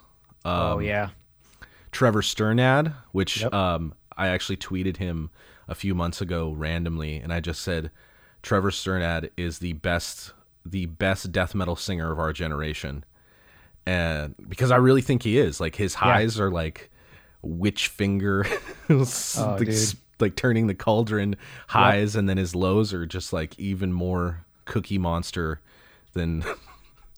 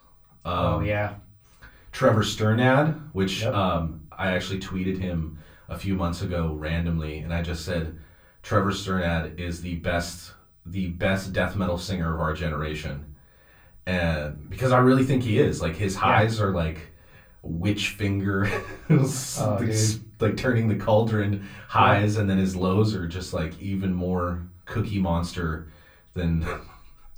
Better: first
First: none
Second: off-mic speech; far // room echo; very slight; dies away in 0.3 s

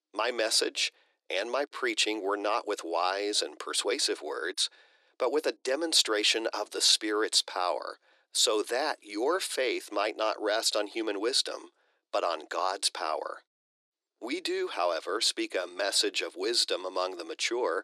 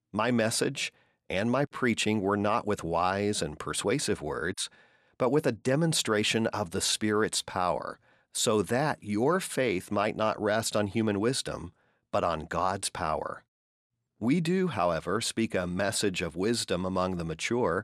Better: second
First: thin; very; fading below 300 Hz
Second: none

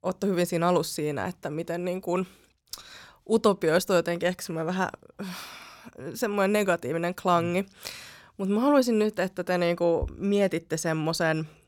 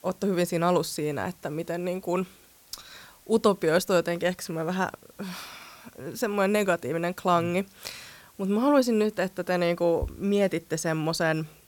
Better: first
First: none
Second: hiss; faint; throughout; 30 dB below the speech

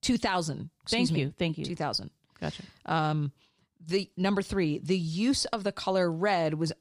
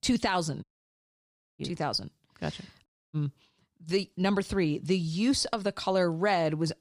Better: first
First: none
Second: audio cutting out; at 0.5 s for 1 s and at 3 s

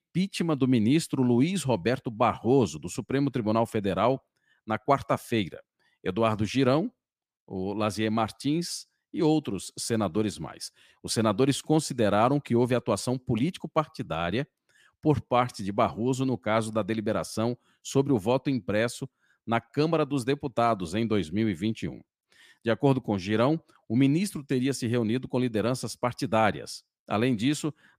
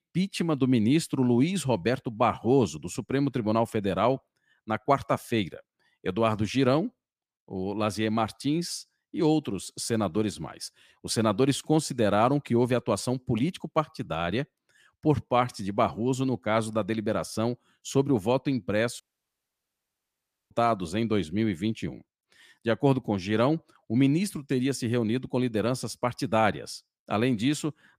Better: first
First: none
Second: audio cutting out; at 19 s for 1.5 s

